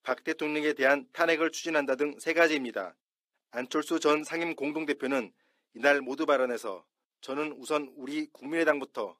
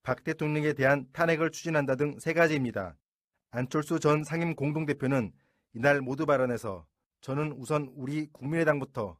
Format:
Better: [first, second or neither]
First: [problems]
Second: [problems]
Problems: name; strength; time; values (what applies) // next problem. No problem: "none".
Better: second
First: thin; very slightly; fading below 300 Hz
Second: none